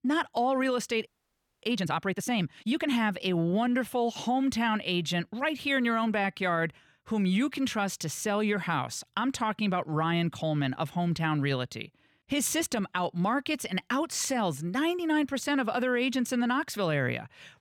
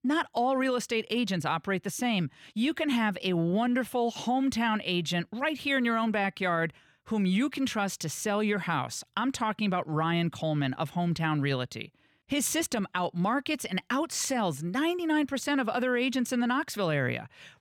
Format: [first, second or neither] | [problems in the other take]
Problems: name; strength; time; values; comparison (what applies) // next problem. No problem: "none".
second | audio freezing; at 1 s for 0.5 s